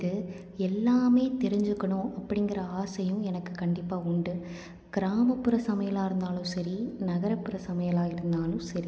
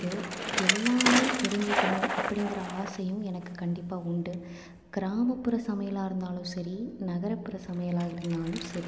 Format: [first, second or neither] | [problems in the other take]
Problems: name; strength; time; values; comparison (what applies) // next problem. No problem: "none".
first | background sound (Bicycle); 3 dB below the speech